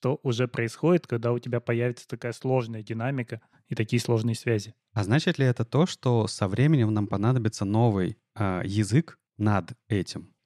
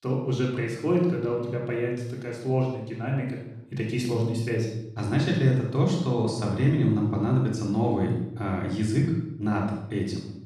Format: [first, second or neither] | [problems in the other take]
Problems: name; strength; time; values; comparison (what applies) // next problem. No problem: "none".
first | off-mic speech; far // room echo; noticeable; dies away in 0.7 s